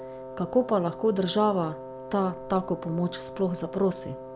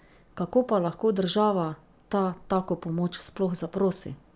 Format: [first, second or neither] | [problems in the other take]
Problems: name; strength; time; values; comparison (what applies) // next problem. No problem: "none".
second | background sound (Wind instrument, woodwind instrument); 12 dB below the speech